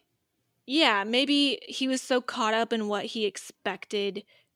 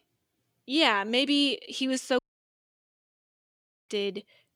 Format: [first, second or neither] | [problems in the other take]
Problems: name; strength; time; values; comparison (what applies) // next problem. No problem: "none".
first | audio cutting out; at 2 s for 1.5 s